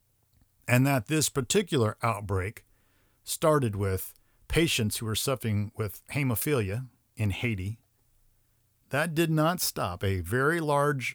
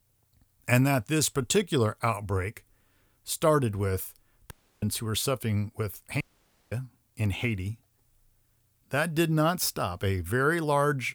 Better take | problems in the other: first | audio cutting out; at 4.5 s and at 6 s for 0.5 s

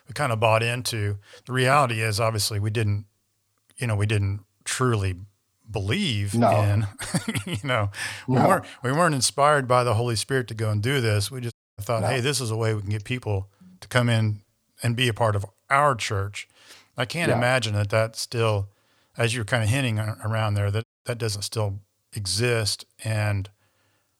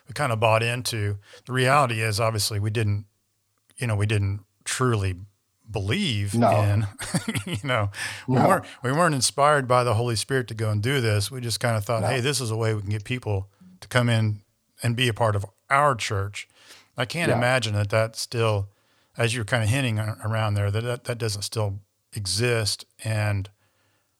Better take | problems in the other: second | audio cutting out; at 12 s and at 21 s

